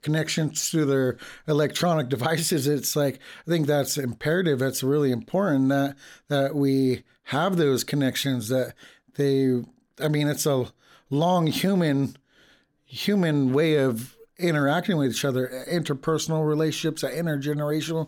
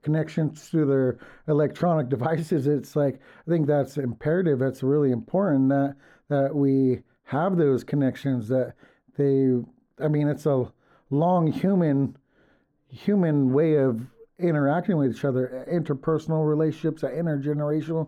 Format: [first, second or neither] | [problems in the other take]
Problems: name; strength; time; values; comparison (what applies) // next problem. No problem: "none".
first | muffled; very; fading above 2 kHz